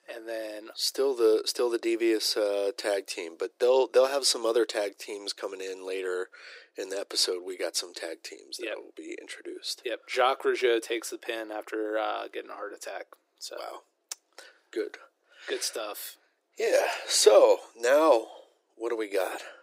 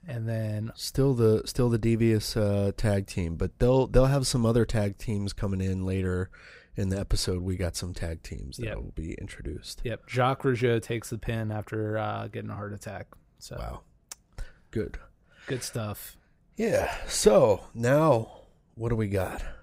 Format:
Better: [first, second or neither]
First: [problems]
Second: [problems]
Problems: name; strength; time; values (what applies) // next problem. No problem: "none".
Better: second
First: thin; very; fading below 350 Hz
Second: none